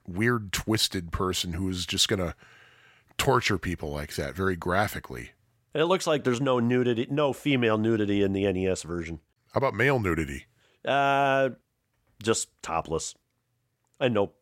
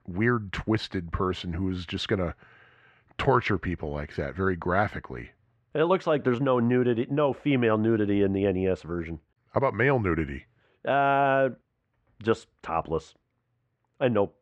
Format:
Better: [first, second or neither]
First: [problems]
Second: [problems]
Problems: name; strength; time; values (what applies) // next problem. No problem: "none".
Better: first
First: none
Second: muffled; very; fading above 2 kHz